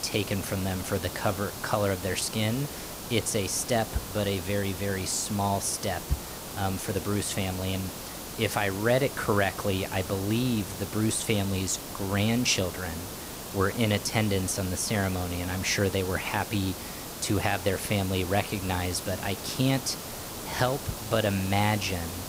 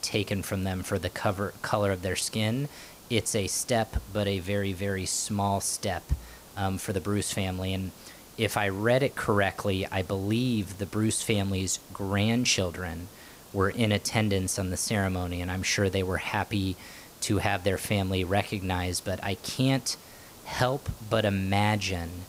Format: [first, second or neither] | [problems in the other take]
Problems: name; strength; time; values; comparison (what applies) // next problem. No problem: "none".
second | hiss; loud; throughout; 8 dB below the speech; faint in the second